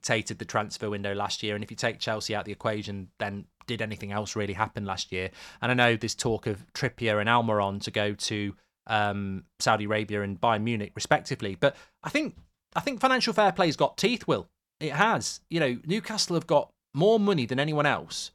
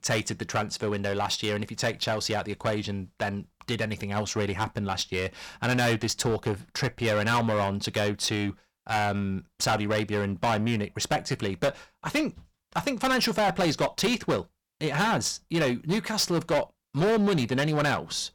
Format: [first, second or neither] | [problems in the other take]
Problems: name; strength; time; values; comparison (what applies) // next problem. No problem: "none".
first | distortion; heavy; 11% of the sound clipped